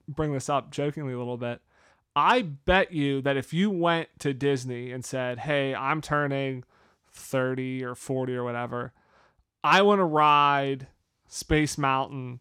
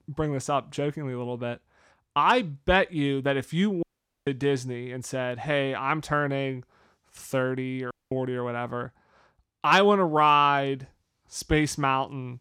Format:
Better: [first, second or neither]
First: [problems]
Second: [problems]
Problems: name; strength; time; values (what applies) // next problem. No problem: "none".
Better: first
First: none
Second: audio cutting out; at 4 s and at 8 s